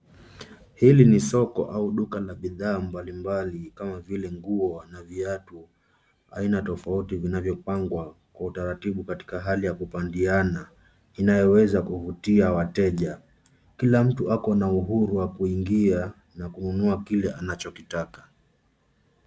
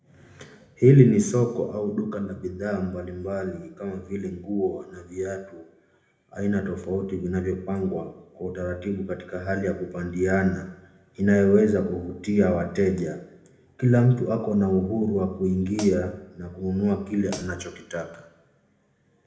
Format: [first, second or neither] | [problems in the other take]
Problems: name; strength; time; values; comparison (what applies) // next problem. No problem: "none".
first | background sound (Hi-hat); 15 dB below the speech // room echo; dies away in 0.7 s